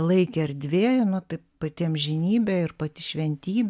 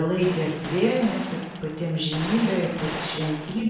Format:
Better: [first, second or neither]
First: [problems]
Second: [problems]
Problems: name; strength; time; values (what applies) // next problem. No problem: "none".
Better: first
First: none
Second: background sound (Gunshot, gunfire); 11 dB below the speech // room echo; dies away in 0.9 s